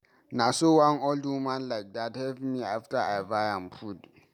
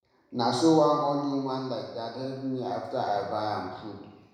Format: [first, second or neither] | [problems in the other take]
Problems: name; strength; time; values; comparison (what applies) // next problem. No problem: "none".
first | room echo; dies away in 1 s